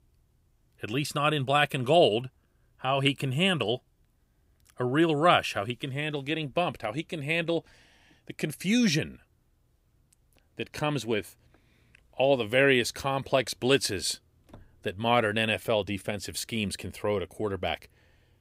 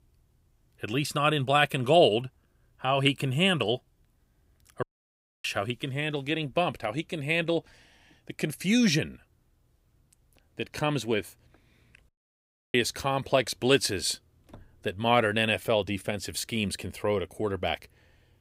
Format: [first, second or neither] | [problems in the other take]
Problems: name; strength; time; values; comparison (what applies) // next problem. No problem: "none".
first | audio cutting out; at 5 s for 0.5 s and at 12 s for 0.5 s